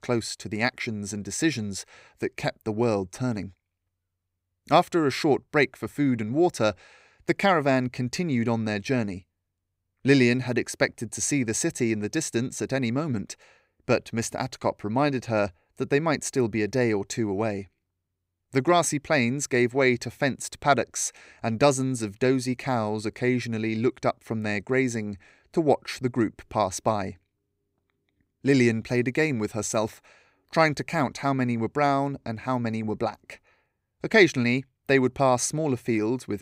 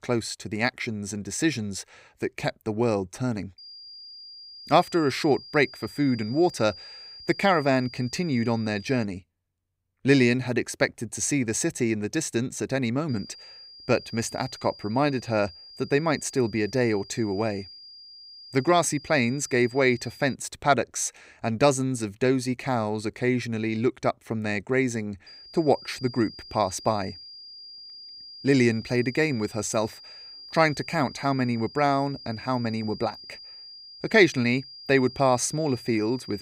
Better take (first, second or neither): first